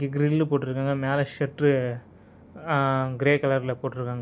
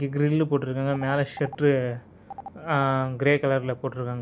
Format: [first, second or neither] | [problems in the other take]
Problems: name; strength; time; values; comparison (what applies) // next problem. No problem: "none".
first | background sound (Telephone); 19 dB below the speech